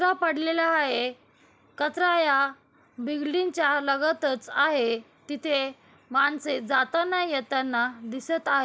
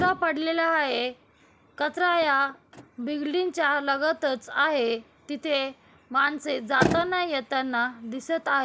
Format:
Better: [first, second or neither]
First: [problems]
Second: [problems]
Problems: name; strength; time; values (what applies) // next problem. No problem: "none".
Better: first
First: none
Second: background sound (Motor vehicle (road)); 12 dB below the speech